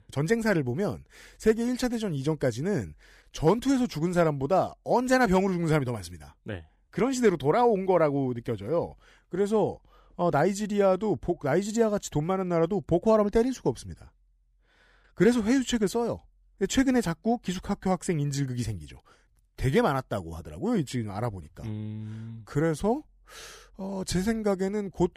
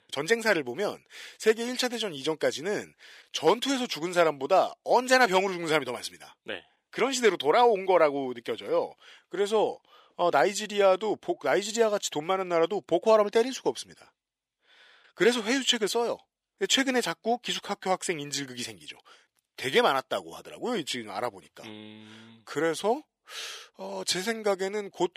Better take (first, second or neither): first